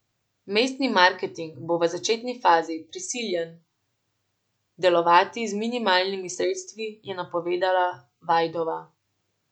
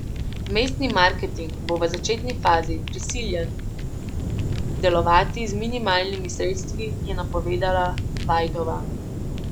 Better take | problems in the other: first | background sound (Fire); 2 dB below the speech

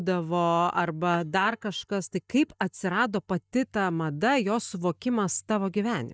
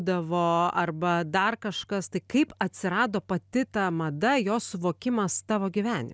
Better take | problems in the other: second | noise reduction (neural mask model DeepFilterNet 3)

